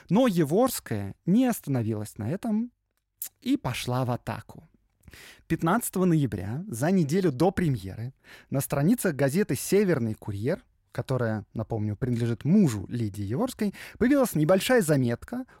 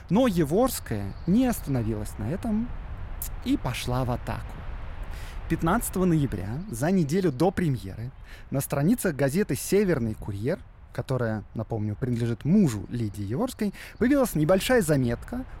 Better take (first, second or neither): first